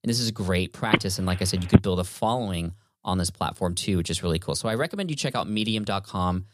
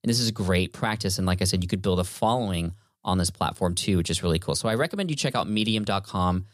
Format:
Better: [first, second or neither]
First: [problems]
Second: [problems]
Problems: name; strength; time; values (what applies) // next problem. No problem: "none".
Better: second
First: phone ringing; loud; at 1 s; peak 5 dB above the speech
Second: none